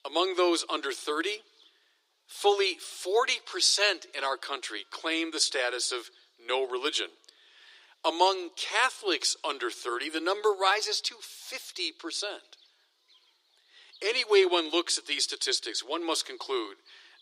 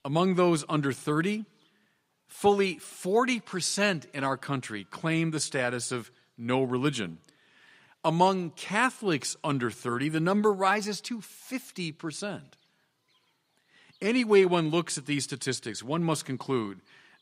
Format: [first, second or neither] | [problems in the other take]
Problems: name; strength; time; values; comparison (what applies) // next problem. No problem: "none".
second | thin; very; fading below 350 Hz